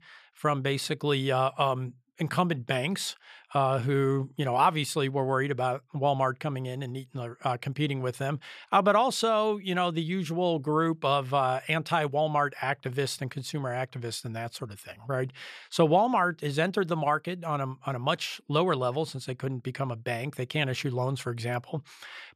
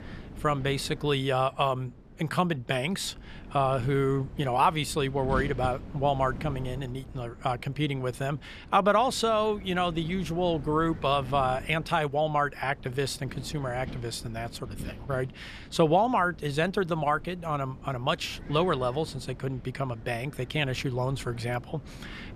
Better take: first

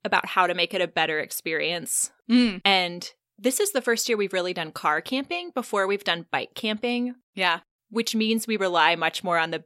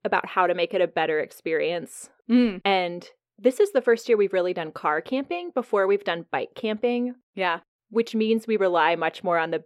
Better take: first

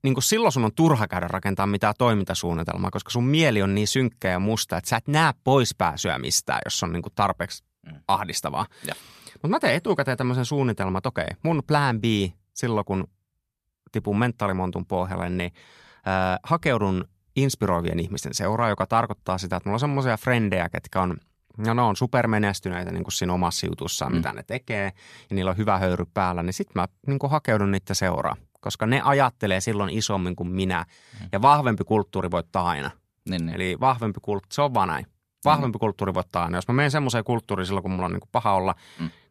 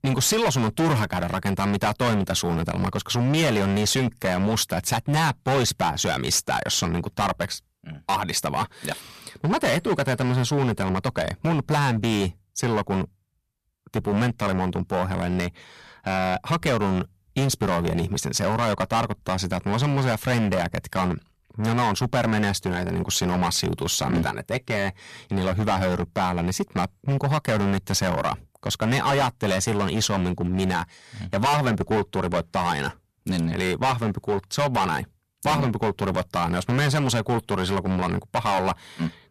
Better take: first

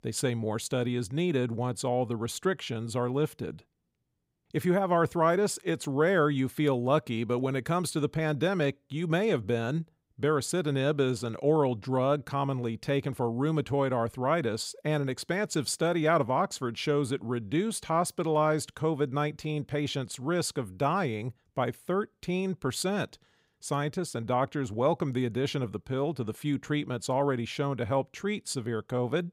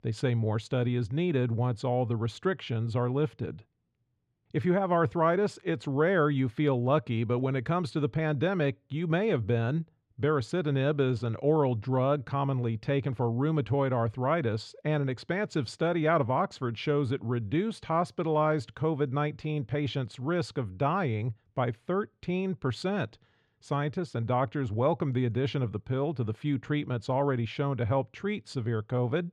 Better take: first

